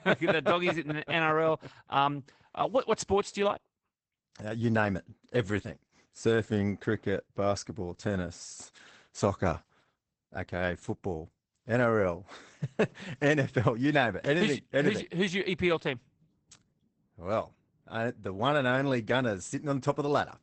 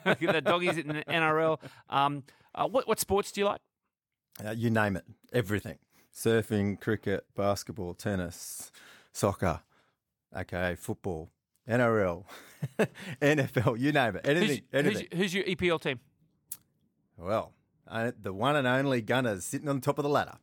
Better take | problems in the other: second | garbled, watery; badly; nothing above 8 kHz

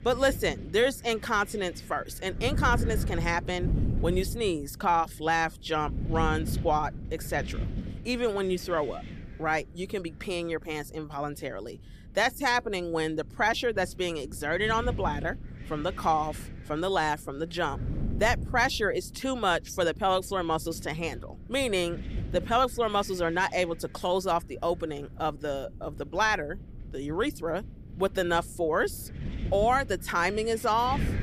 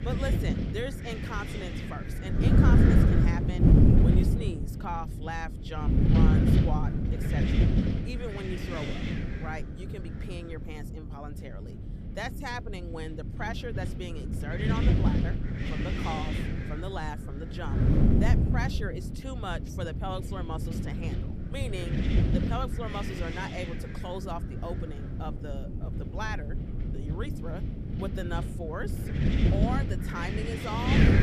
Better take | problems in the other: first | wind noise on the microphone; heavy; 1 dB above the speech; occasional gusts in the first

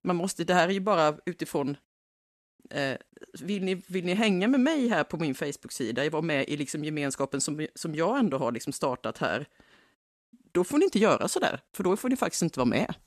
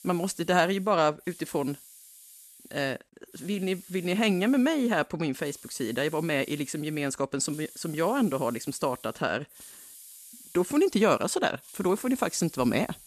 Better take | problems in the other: first | hiss; noticeable; throughout; 20 dB below the speech

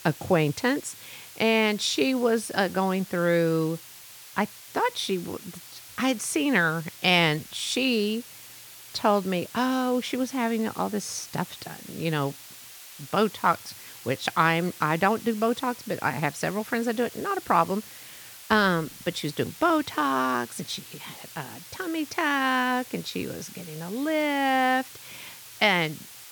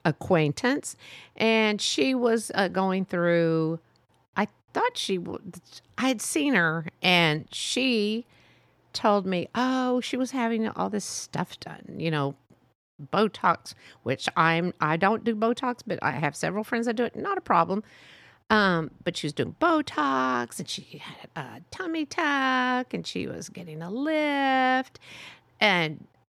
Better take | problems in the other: second | hiss; noticeable; throughout; 15 dB below the speech

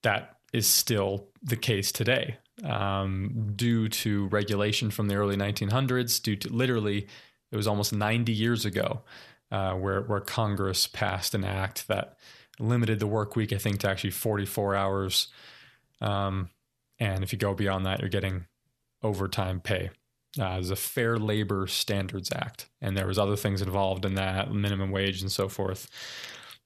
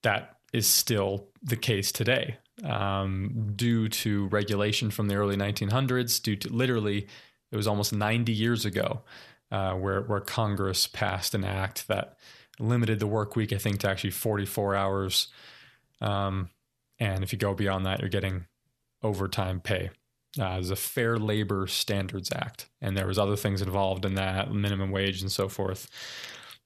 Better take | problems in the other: neither | none

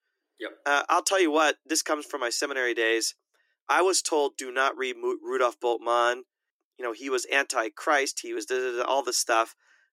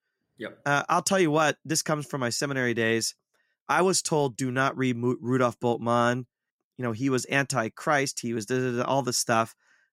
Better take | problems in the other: second | thin; very; fading below 300 Hz

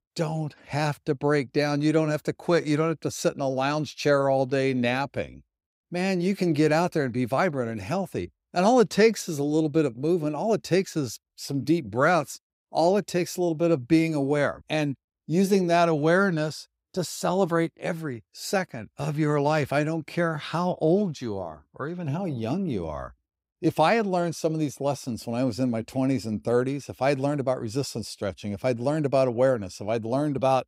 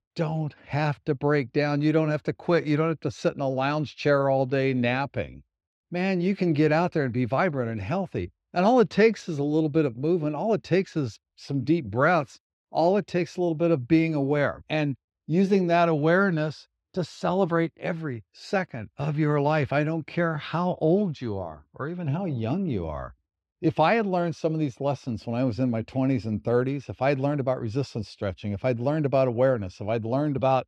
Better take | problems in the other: first | muffled; very slightly; fading above 3 kHz

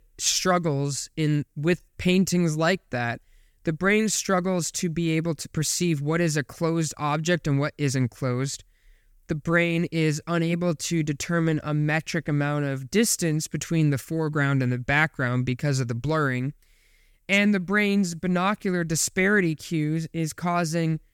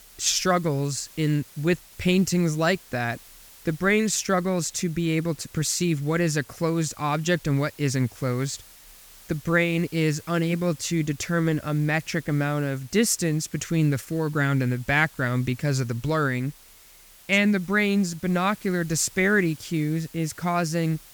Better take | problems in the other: first | hiss; faint; throughout; 25 dB below the speech

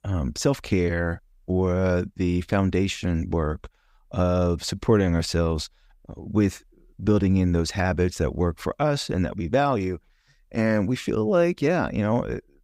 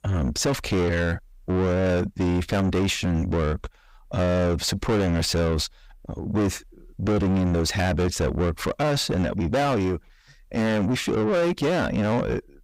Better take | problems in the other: first | distortion; heavy; 7 dB below the speech

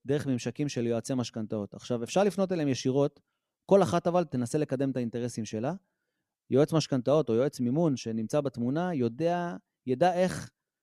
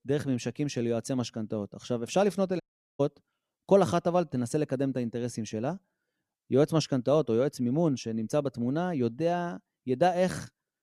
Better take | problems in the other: first | audio cutting out; at 2.5 s

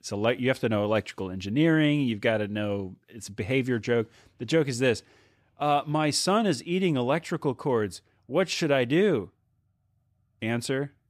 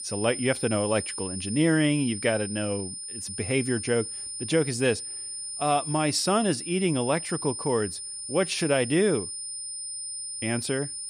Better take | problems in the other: first | high-pitched whine; loud; throughout; 9 kHz, 6 dB below the speech

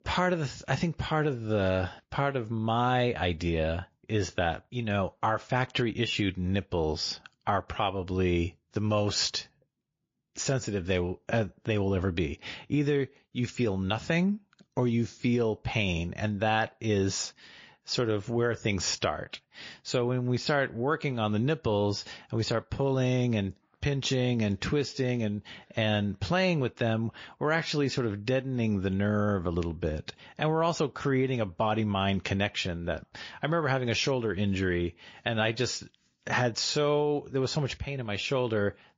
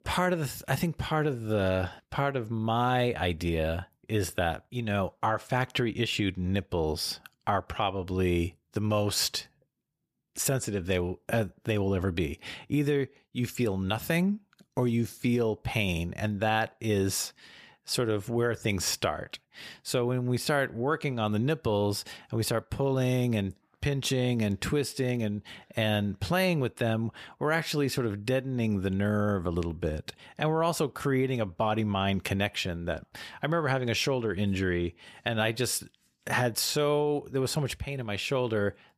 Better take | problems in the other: second | garbled, watery; slightly

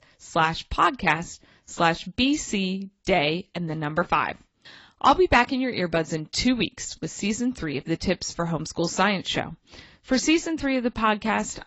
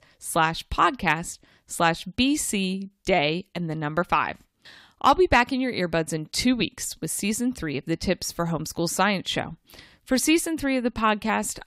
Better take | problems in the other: second | garbled, watery; badly; nothing above 7.5 kHz

